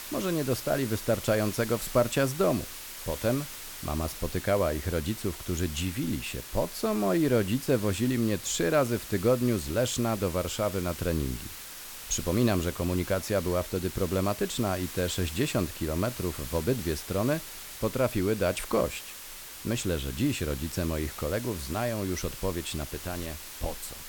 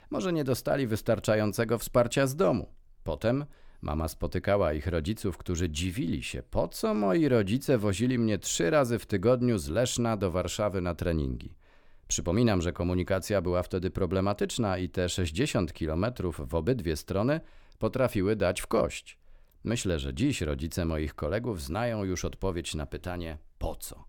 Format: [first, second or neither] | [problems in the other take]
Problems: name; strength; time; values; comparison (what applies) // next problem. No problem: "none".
second | hiss; loud; throughout; 10 dB below the speech